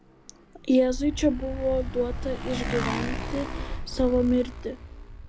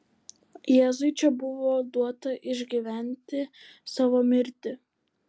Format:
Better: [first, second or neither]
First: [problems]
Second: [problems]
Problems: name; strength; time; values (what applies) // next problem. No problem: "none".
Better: second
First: background sound (Motorcycle); 6 dB below the speech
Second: none